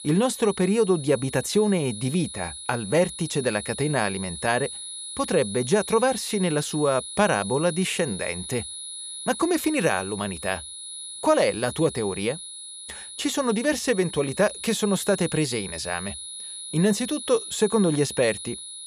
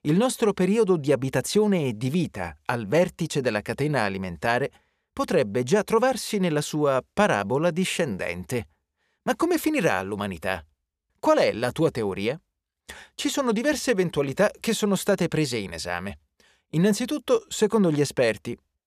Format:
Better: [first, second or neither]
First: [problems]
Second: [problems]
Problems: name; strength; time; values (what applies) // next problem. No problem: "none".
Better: second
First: high-pitched whine; loud; throughout; 10 kHz, 10 dB below the speech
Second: none